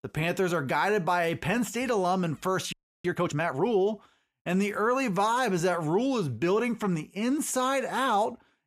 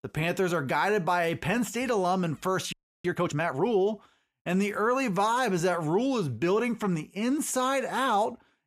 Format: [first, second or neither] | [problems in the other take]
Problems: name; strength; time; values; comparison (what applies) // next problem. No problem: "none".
neither | audio freezing; at 2.5 s; the same in both